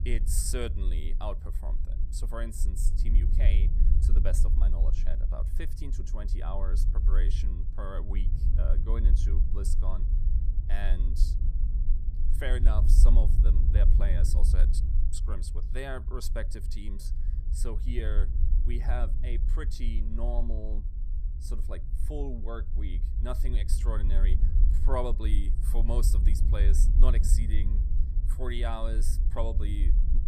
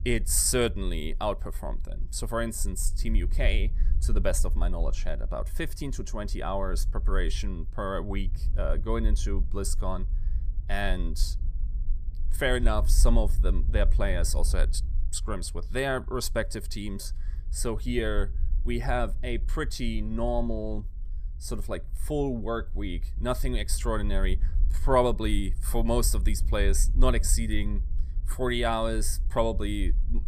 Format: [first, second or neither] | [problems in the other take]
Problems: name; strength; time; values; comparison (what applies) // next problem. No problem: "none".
second | low rumble; loud; throughout; 8 dB below the speech; faint in the second